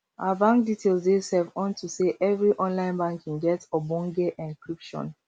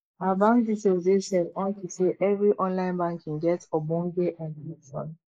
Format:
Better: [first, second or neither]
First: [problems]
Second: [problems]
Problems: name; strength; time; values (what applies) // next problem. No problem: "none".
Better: first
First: none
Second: noise reduction (neural mask model Resemble Enhance denoiser)